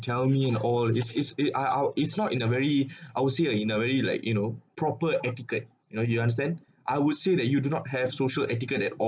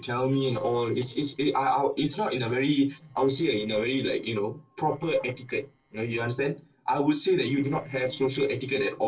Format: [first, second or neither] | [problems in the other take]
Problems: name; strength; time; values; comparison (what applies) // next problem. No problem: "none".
first | noise reduction (neural separator model SepFormer DNS4)